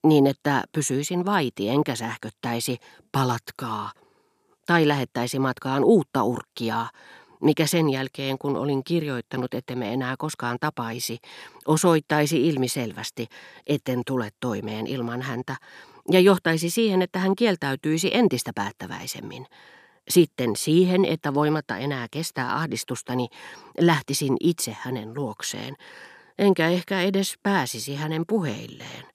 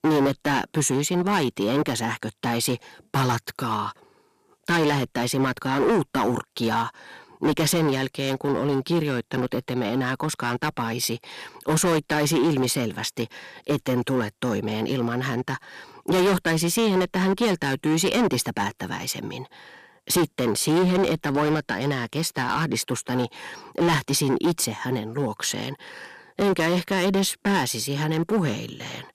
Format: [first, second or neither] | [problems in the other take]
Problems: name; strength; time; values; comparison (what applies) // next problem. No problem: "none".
first | distortion; heavy; 11% of the sound clipped